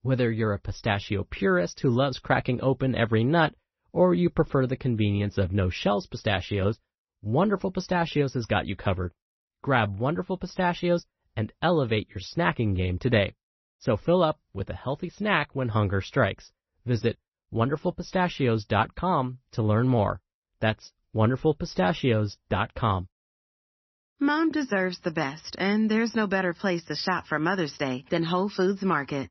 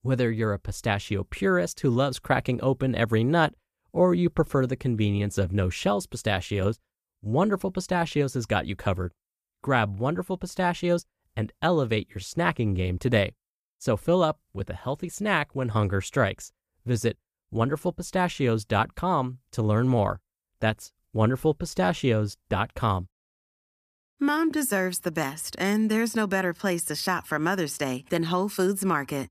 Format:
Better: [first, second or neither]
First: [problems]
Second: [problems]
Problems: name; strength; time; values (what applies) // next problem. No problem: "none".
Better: second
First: garbled, watery; slightly; nothing above 6 kHz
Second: none